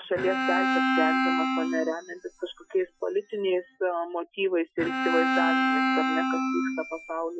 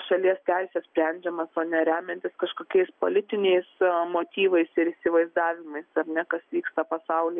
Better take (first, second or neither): second